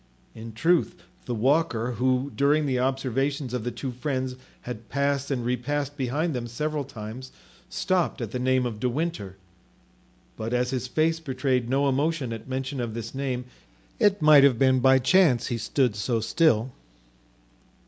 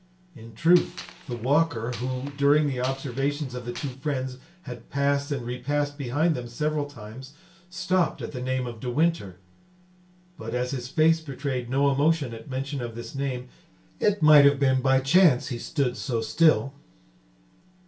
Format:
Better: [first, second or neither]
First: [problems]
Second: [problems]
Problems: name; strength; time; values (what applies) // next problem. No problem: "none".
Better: first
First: none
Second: background sound (Gunshot, gunfire); 18 dB below the speech // room echo; dies away in 0.2 s